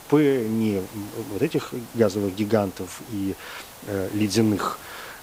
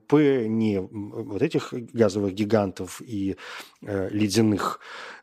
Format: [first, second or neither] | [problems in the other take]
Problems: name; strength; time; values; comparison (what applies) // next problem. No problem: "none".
second | hiss; noticeable; throughout; 15 dB below the speech